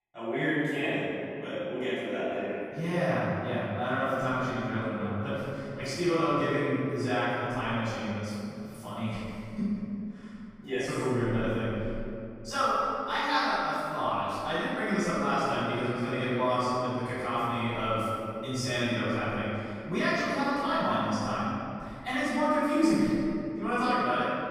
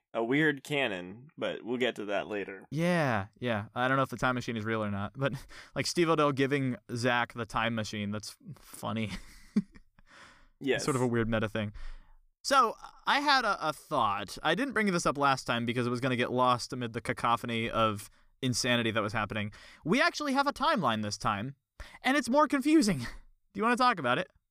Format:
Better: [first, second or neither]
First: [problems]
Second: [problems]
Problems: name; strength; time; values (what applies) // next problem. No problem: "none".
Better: second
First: room echo; strong; dies away in 2.6 s // off-mic speech; far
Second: none